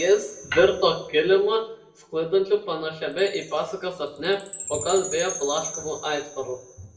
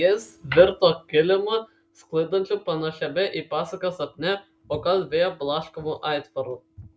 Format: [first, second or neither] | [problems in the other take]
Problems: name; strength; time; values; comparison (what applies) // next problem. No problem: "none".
second | background sound (Chime); 14 dB below the speech // room echo; dies away in 0.6 s